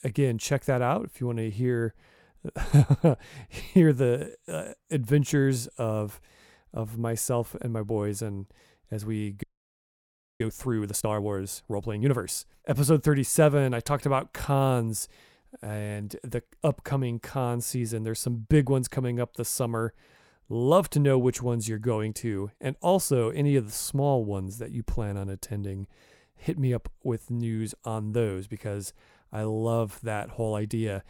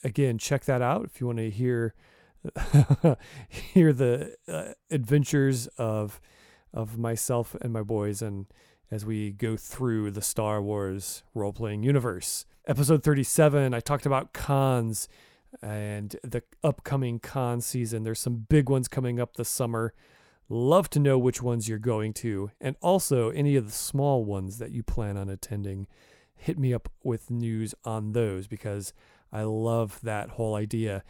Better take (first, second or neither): second